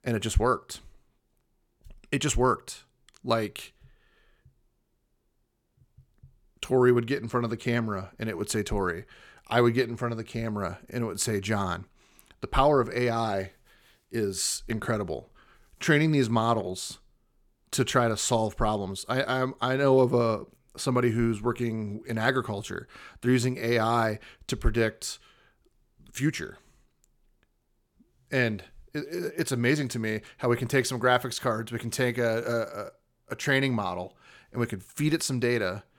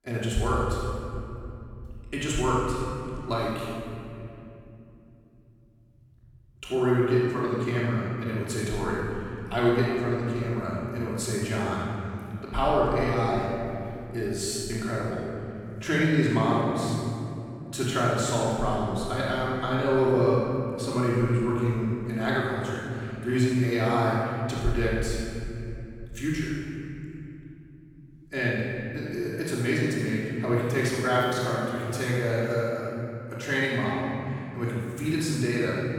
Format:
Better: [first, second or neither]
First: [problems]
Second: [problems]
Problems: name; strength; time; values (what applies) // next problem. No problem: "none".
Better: first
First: none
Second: off-mic speech; far // room echo; strong; dies away in 3 s